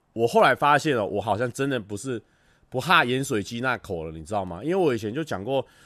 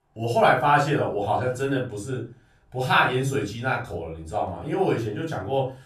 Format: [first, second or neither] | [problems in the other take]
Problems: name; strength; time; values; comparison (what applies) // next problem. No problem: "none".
first | off-mic speech; far // room echo; slight; dies away in 0.3 s